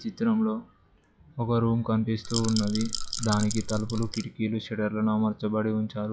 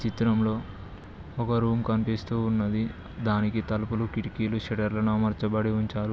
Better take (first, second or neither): second